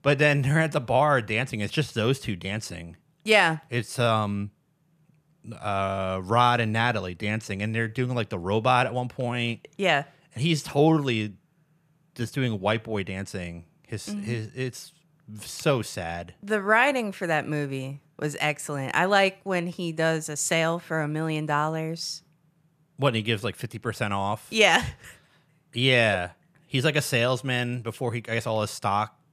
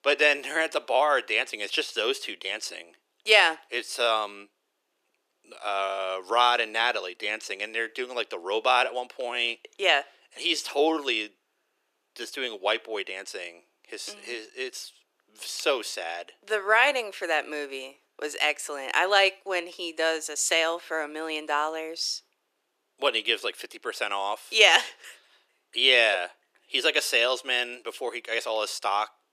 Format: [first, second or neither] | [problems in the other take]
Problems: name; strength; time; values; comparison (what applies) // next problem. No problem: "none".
first | thin; very; fading below 350 Hz